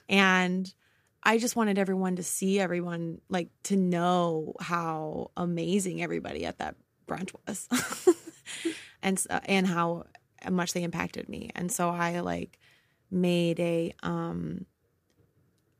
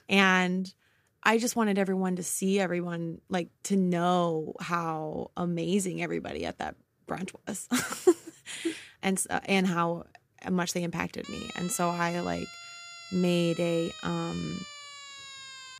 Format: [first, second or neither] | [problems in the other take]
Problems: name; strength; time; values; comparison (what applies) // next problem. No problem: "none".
first | siren; faint; from 11 s on; peak 10 dB below the speech